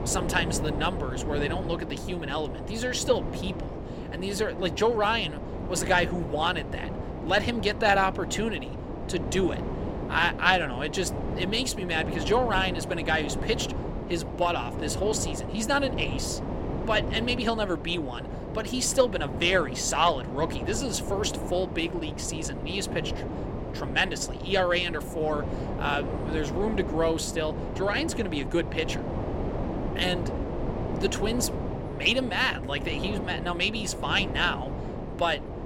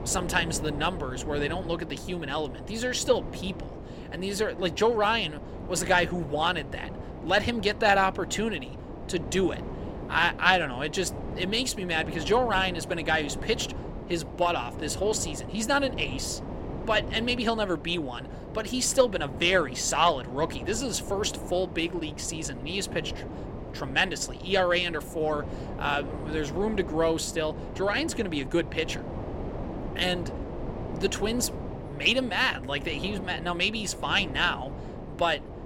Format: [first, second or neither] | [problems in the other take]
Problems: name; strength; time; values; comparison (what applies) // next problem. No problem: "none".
second | wind noise on the microphone; heavy; 10 dB below the speech; occasional gusts in the second